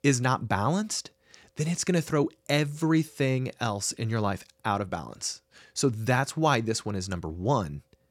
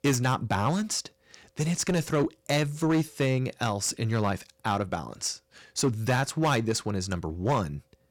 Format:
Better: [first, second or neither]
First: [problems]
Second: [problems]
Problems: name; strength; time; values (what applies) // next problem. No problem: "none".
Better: first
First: none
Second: distortion; slight; 7% of the sound clipped